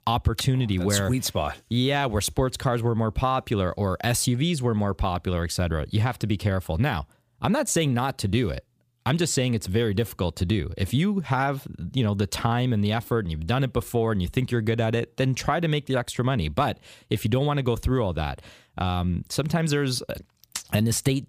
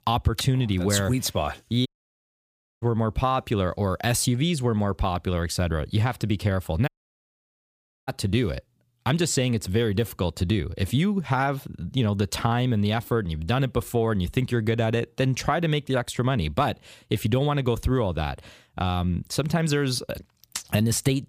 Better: first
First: none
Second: audio cutting out; at 2 s for 1 s and at 7 s for 1 s

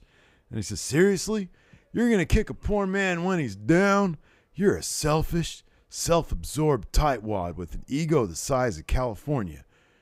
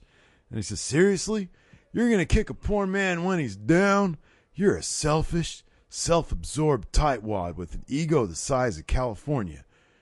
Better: first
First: none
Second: garbled, watery; slightly

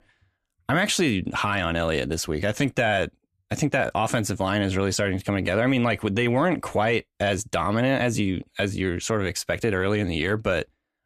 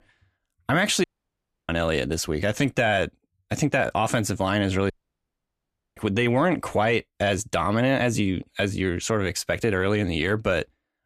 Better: first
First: none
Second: audio cutting out; at 1 s for 0.5 s and at 5 s for 1 s

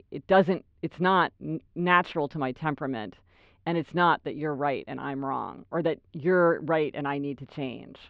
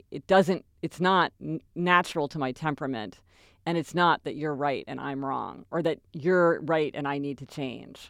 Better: second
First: muffled; slightly; fading above 3 kHz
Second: none

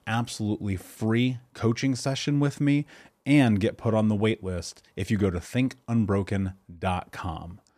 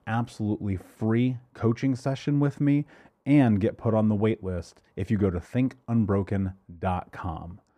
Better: first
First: none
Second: muffled; slightly; fading above 2 kHz

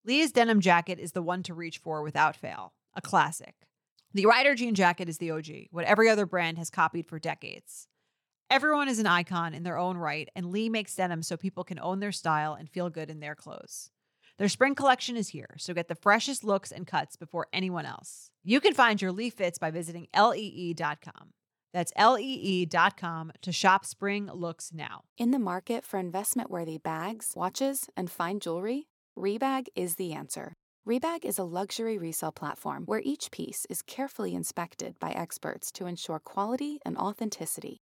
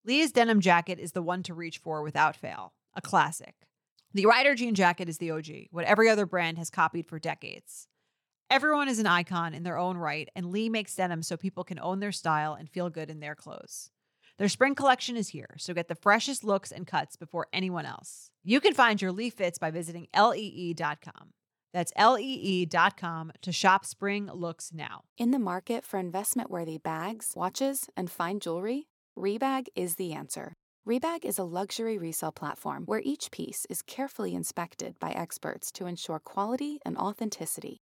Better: neither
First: none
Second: none

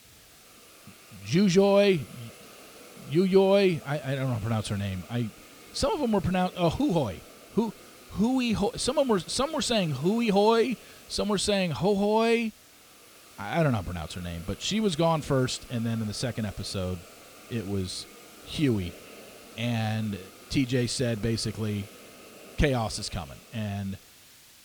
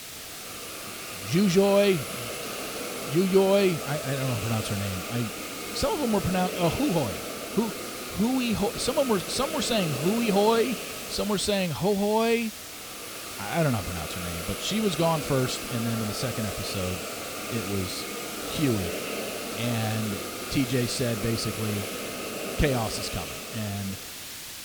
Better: first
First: hiss; faint; throughout; 20 dB below the speech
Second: hiss; loud; throughout; 6 dB below the speech

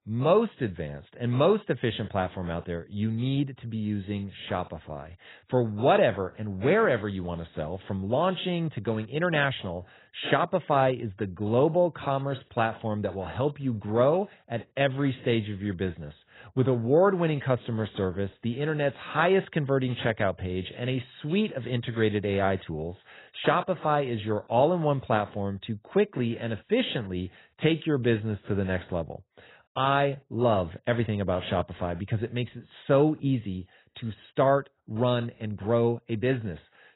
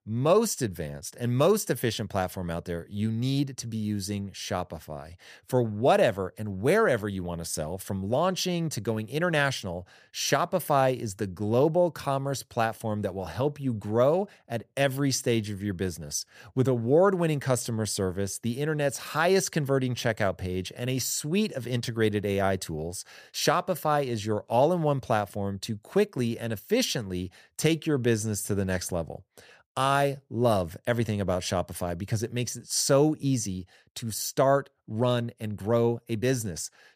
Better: second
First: garbled, watery; badly; nothing above 4 kHz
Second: none

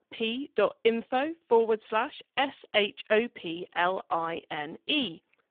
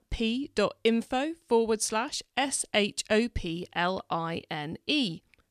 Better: second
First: phone-call audio; poor line; nothing above 3.5 kHz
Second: none

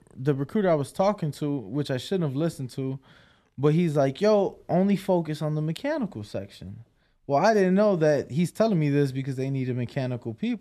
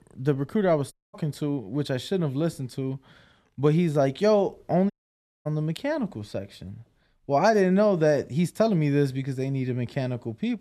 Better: first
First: none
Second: audio cutting out; at 1 s and at 5 s for 0.5 s

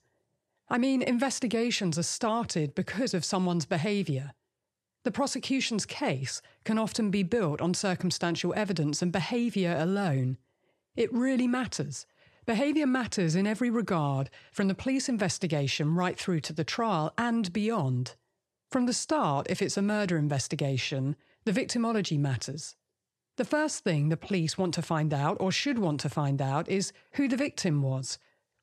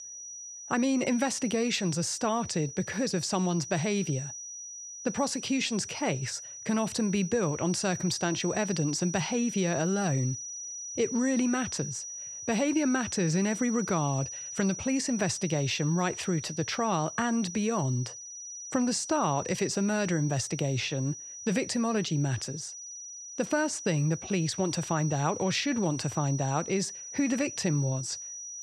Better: first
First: none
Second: high-pitched whine; loud; throughout; 6 kHz, 9 dB below the speech

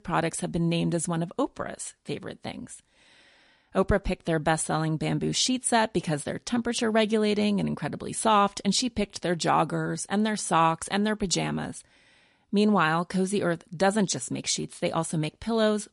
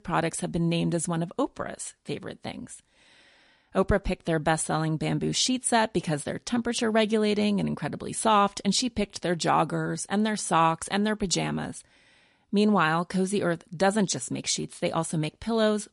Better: neither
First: garbled, watery; slightly; nothing above 10.5 kHz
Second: garbled, watery; slightly; nothing above 10.5 kHz

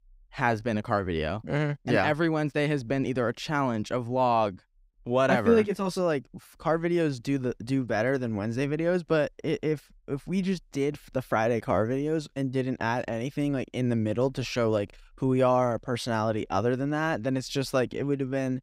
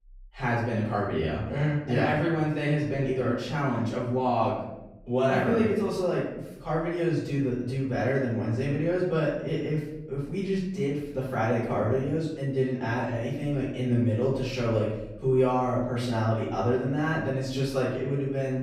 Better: first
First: none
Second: off-mic speech; far // room echo; noticeable; dies away in 0.8 s

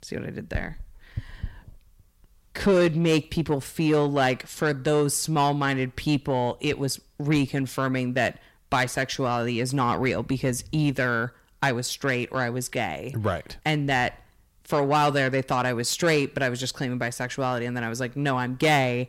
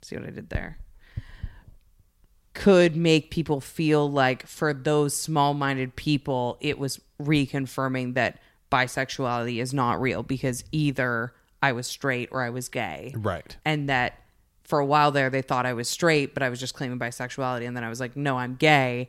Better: second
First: distortion; slight; 10 dB below the speech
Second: none

